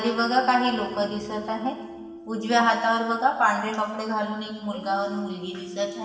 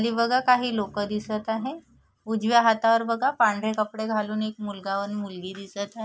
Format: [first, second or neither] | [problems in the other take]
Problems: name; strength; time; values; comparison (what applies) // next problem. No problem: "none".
second | background sound (Dog); 15 dB below the speech // room echo; dies away in 1.2 s